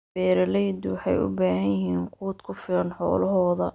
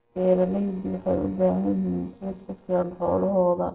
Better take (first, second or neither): first